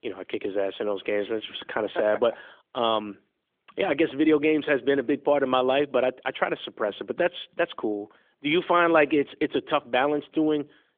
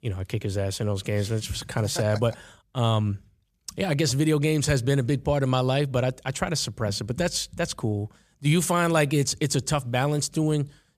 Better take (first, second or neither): second